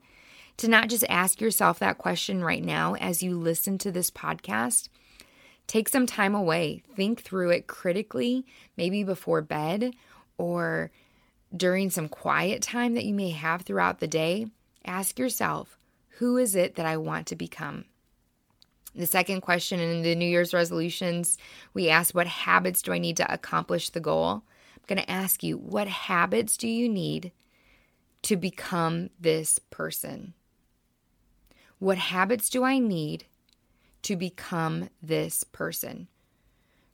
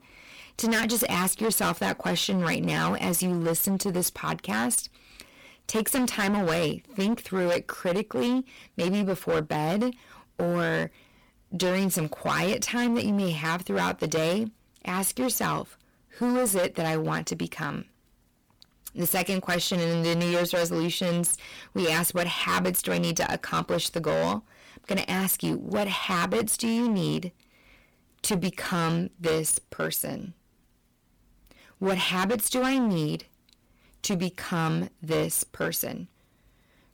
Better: first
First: none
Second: distortion; heavy; 15% of the sound clipped

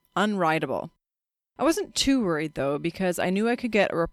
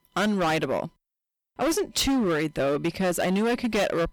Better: first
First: none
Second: distortion; heavy; 19% of the sound clipped

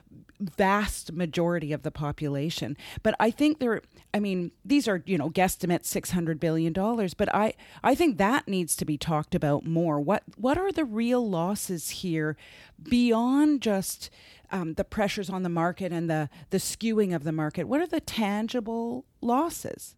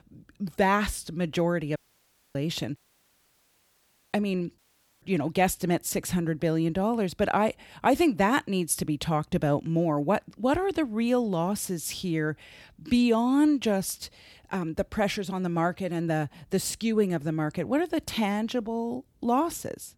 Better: first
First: none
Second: audio cutting out; at 2 s for 0.5 s, at 3 s for 1.5 s and at 4.5 s

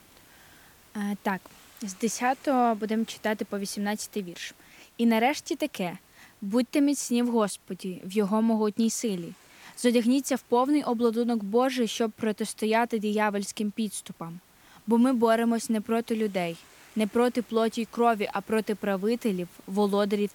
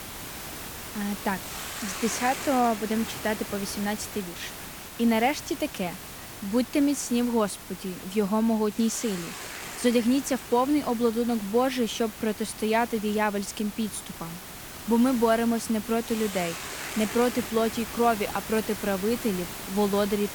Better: first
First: hiss; faint; throughout; 30 dB below the speech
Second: hiss; loud; throughout; 10 dB below the speech

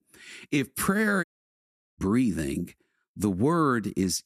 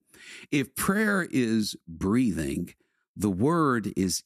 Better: second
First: audio cutting out; at 1 s for 0.5 s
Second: none

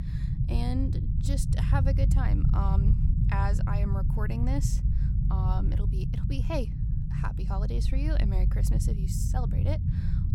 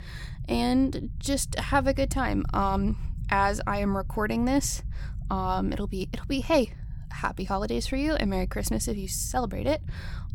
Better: second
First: low rumble; loud; throughout; 4 dB below the speech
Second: low rumble; faint; throughout; 25 dB below the speech

